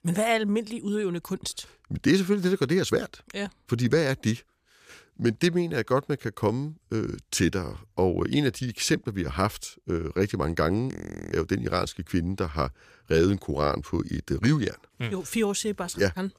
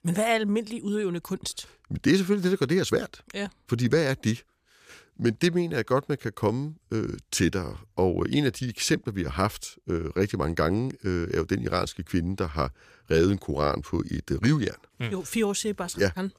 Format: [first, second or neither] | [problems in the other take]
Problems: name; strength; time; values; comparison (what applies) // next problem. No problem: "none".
second | audio freezing; at 11 s